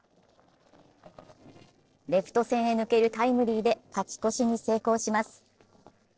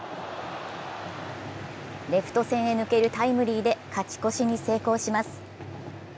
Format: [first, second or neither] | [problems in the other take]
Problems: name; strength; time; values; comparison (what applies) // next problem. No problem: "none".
second | noise reduction (neural separator model SepFormer DNS4)